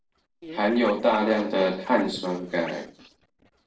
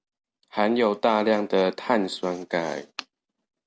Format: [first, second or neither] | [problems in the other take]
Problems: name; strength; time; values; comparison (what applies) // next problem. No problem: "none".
second | noise reduction (neural separator model SepFormer DNS4)